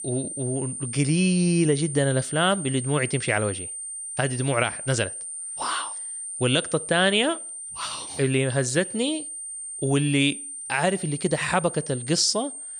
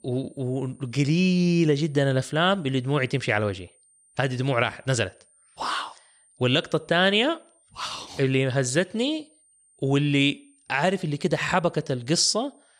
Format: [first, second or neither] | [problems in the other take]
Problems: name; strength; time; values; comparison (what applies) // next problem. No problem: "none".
second | high-pitched whine; loud; throughout; 9 kHz, 8 dB below the speech; faint in the second